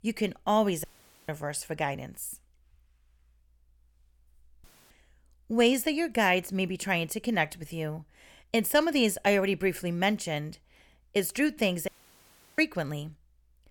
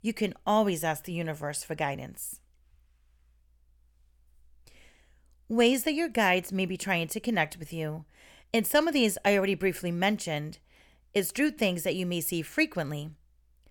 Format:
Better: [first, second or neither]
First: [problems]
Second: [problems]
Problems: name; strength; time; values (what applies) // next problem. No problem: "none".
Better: second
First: audio cutting out; at 1 s, at 4.5 s and at 12 s for 0.5 s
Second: none